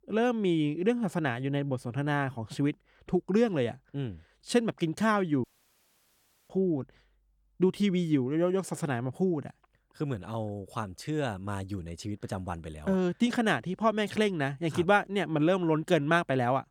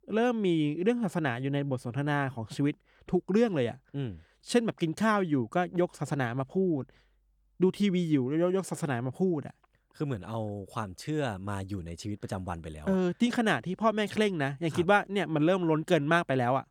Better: second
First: audio cutting out; at 5.5 s for 1 s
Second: none

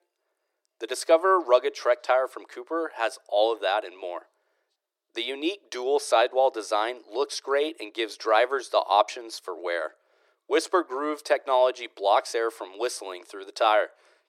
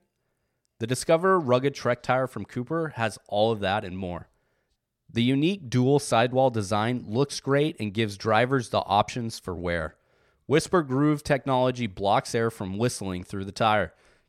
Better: second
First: thin; very; fading below 350 Hz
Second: none

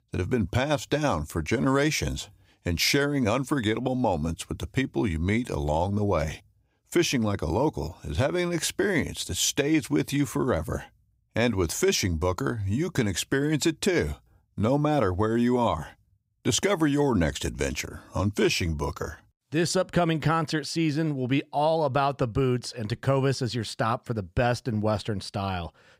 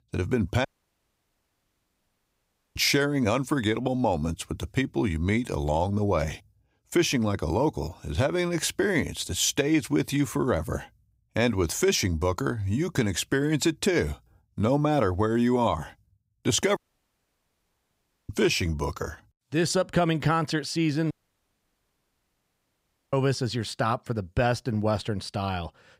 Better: first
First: none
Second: audio cutting out; at 0.5 s for 2 s, at 17 s for 1.5 s and at 21 s for 2 s

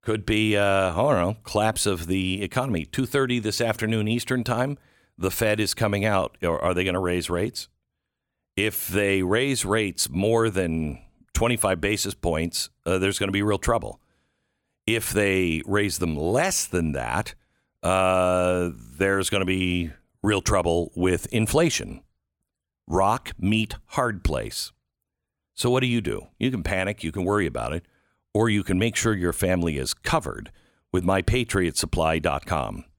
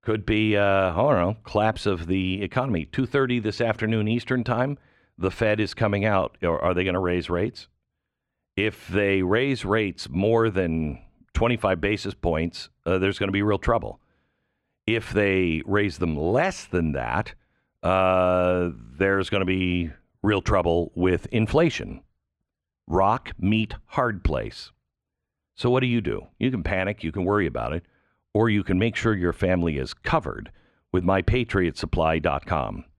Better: first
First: none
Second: muffled; slightly; fading above 3 kHz

